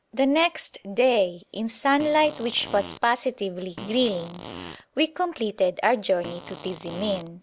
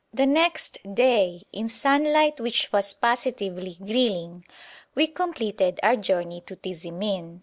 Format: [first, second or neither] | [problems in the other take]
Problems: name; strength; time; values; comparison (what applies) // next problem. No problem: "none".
second | background sound (Fart); 15 dB below the speech